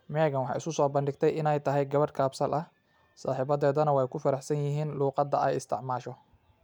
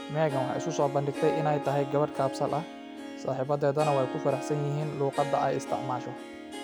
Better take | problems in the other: first | background sound (Harp); 7 dB below the speech

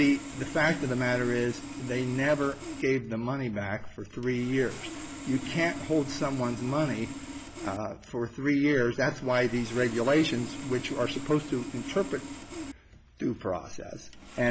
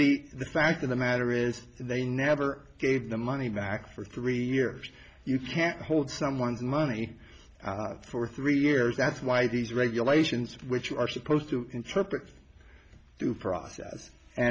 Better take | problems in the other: second | background sound (Sawing); 11 dB below the speech

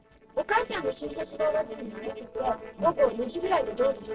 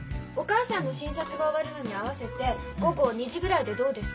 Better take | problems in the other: second | noise reduction (neural separator model SepFormer DNS4)

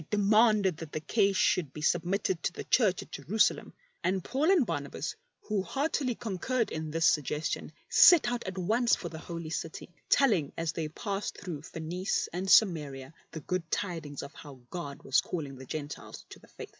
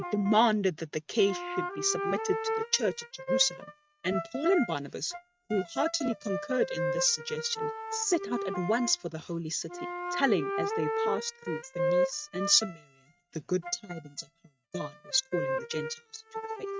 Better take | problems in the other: first | noise reduction (neural mask model RNNoise)

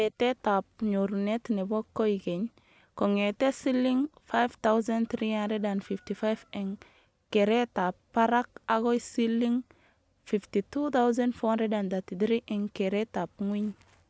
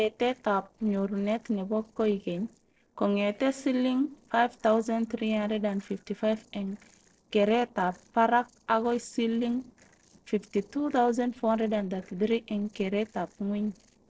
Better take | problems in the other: first | noise reduction (neural separator model SepFormer DNS4)

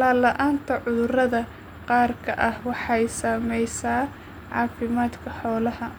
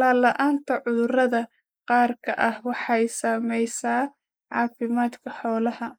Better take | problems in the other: first | noise reduction (neural mask model Resemble Enhance denoiser)

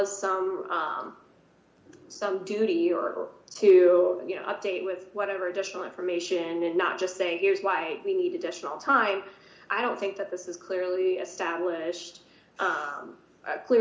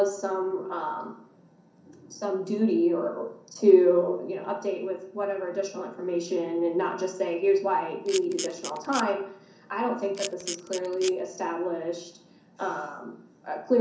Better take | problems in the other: first | background sound (Camera); 11 dB below the speech // room echo; dies away in 0.6 s

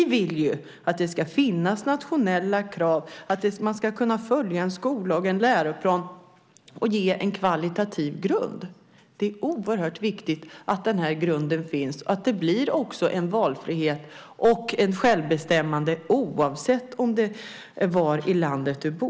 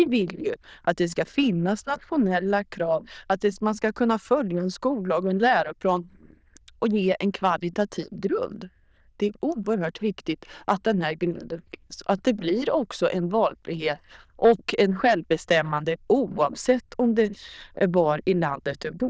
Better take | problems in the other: first | noise reduction (neural diffusion model UNIVERSE++)

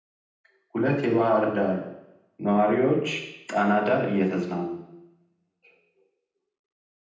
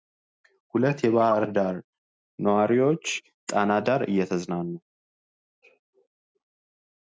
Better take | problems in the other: second | room echo; dies away in 0.8 s

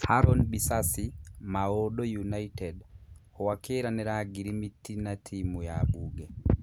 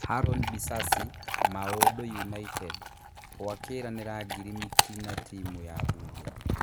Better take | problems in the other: first | background sound (Chewing, mastication / Dog); 2 dB above the speech

